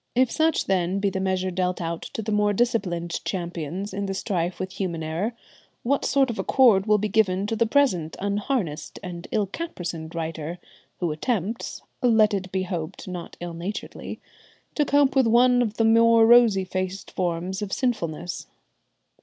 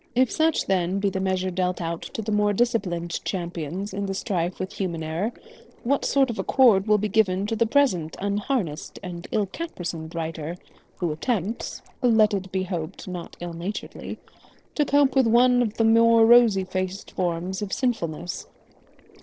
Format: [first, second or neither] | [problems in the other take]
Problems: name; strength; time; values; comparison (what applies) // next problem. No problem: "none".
first | noise reduction (neural separator model SepFormer DNS4)